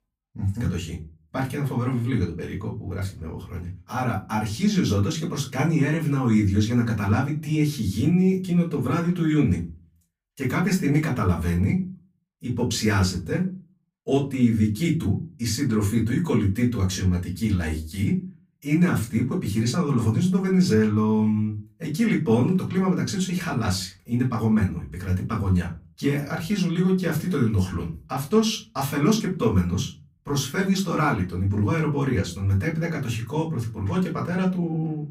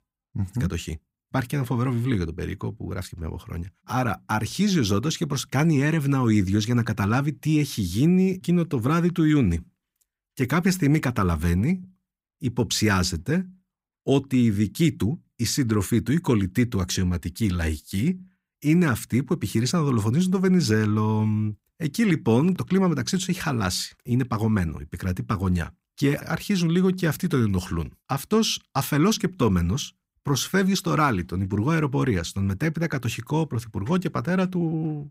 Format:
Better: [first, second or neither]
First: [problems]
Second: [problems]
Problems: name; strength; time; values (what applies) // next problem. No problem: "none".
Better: second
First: off-mic speech; far // room echo; very slight; dies away in 0.3 s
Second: none